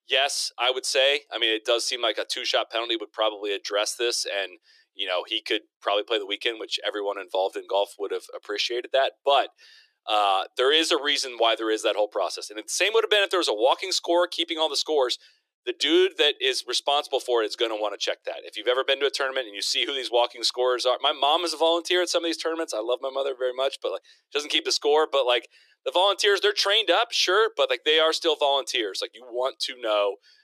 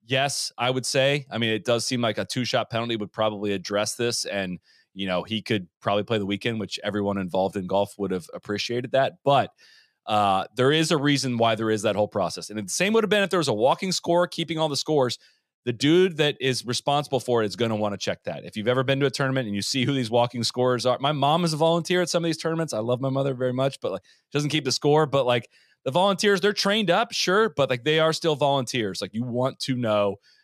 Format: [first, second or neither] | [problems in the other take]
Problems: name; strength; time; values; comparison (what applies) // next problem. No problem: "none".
second | thin; very; fading below 350 Hz